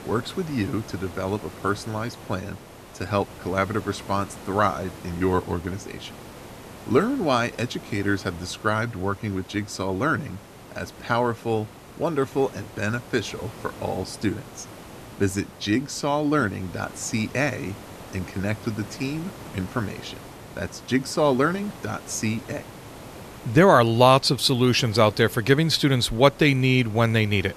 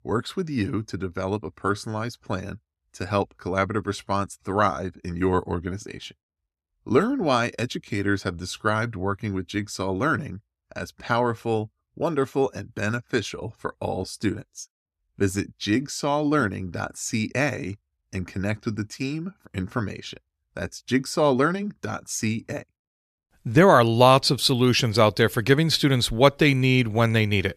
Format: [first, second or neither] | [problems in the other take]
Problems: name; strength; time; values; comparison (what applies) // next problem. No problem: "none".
second | hiss; noticeable; throughout; 20 dB below the speech